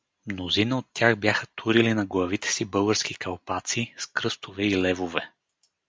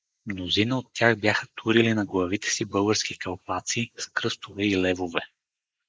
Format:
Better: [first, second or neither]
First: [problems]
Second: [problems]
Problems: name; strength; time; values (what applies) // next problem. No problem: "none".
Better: first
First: none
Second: noise reduction (neural mask model Resemble Enhance denoiser)